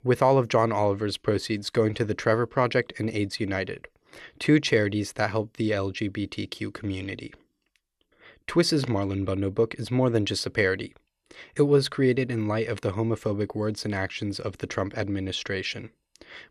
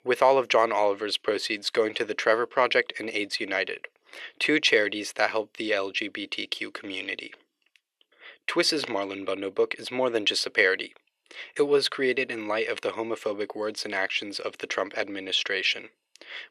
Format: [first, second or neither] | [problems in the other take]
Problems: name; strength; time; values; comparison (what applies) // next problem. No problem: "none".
first | thin; somewhat; fading below 500 Hz